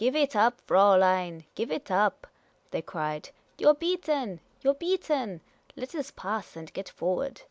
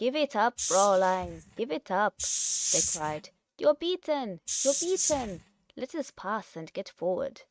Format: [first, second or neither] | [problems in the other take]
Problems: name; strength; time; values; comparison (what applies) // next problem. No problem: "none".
first | noise reduction (neural mask model RNNoise)